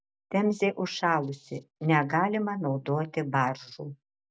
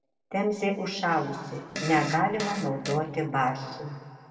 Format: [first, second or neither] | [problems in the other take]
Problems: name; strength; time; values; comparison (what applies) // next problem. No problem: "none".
first | background sound (Fart); 9 dB below the speech // room echo; dies away in 1.7 s